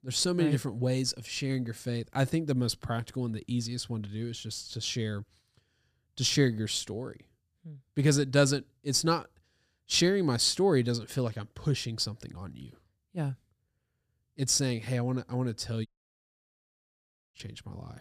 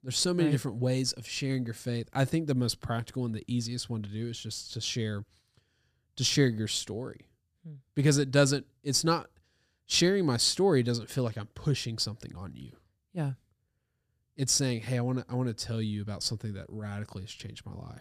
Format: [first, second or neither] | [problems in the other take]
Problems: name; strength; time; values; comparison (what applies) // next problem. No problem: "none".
second | audio cutting out; at 16 s for 1.5 s